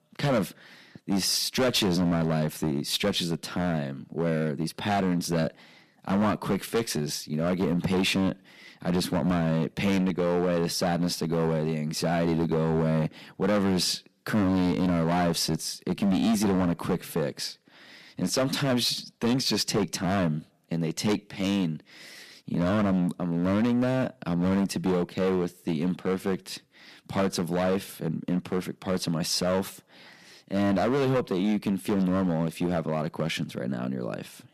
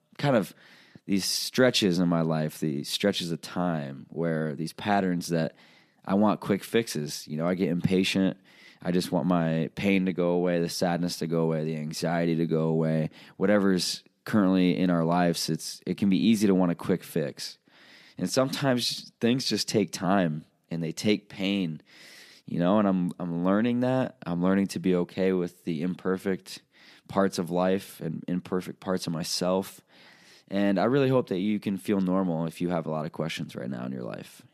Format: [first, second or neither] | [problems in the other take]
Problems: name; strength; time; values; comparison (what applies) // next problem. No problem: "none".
second | distortion; heavy; 12% of the sound clipped